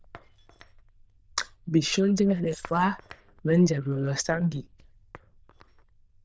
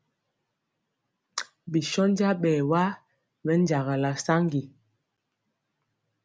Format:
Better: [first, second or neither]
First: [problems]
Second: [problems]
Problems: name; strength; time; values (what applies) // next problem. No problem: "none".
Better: second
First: noise reduction (neural diffusion model UNIVERSE++)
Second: none